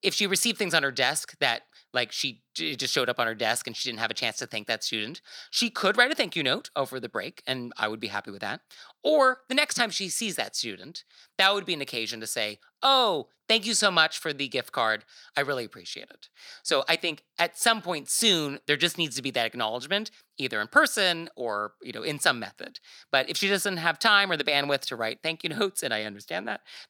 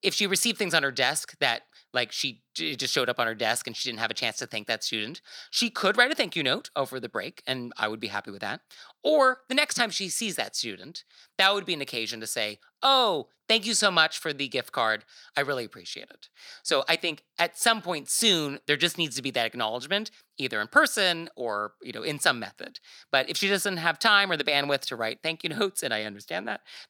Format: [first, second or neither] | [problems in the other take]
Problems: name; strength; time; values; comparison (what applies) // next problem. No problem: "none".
neither | thin; somewhat; fading below 300 Hz; the same in both